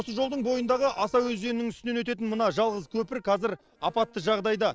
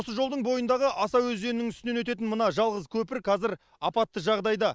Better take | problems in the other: second | noise reduction (neural separator model SepFormer DNS4)

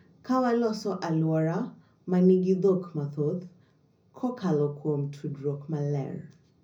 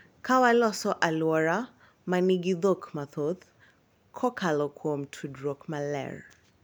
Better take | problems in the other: second | room echo; dies away in 0.4 s

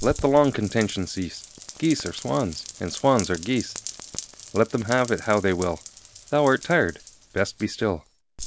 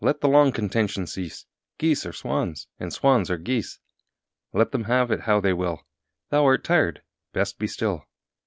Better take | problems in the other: second | background sound (Rain); 15 dB below the speech

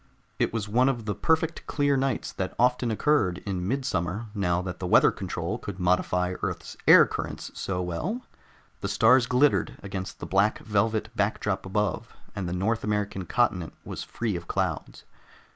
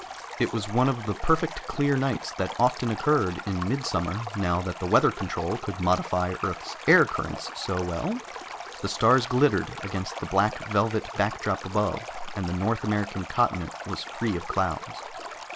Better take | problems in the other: first | background sound (Stream); 12 dB below the speech

